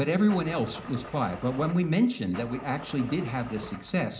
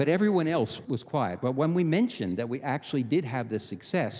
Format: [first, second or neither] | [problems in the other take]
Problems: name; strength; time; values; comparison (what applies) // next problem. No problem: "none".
second | background sound (Engine starting / Car); 15 dB below the speech // room echo; dies away in 0.4 s